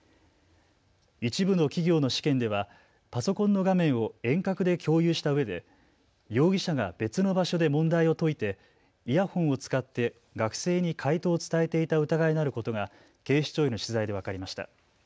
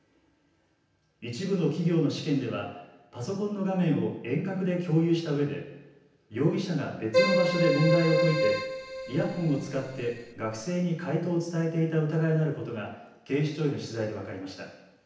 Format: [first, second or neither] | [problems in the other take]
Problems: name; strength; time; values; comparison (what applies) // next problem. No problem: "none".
first | background sound (Keyboard (musical)); 1 dB above the speech // room echo; dies away in 0.9 s